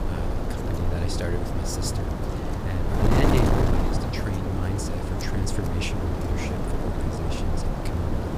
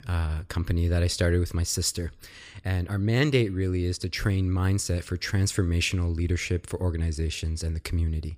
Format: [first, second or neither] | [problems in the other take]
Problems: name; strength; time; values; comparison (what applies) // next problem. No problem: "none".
second | wind noise on the microphone; heavy; 5 dB above the speech